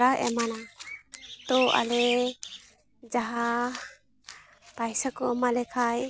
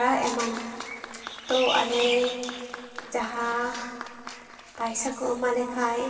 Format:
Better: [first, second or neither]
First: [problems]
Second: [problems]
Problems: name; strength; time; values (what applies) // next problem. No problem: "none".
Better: first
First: none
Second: background sound (Applause); 16 dB below the speech // room echo; dies away in 2.7 s